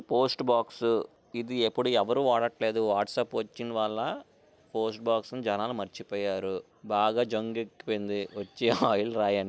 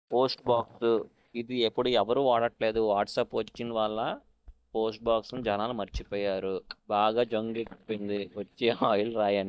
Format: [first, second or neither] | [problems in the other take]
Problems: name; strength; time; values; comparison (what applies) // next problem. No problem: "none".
first | noise reduction (neural mask model DeepFilterNet 3)